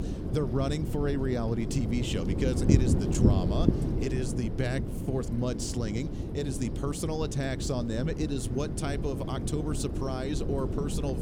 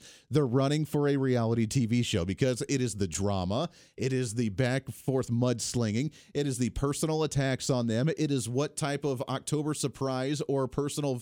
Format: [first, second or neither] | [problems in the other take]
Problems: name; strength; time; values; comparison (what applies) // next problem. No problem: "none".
second | wind noise on the microphone; heavy; 3 dB below the speech